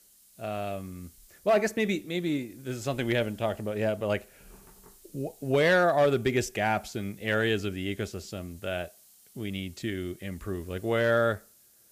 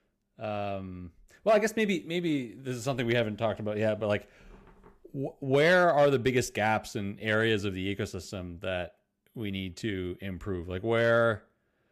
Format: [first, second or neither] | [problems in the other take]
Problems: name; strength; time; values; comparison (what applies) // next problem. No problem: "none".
second | hiss; faint; throughout; 25 dB below the speech